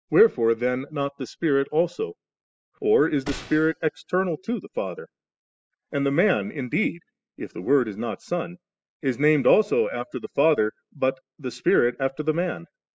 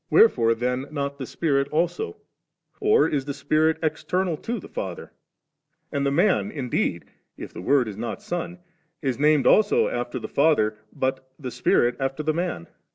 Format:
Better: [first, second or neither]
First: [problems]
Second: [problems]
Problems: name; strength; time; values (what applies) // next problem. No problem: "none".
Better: second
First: noise reduction (classical method spectral subtraction)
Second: none